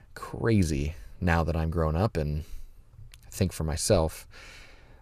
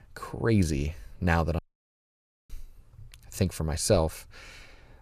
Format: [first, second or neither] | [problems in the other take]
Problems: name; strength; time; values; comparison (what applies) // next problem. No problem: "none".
first | audio cutting out; at 1.5 s for 1 s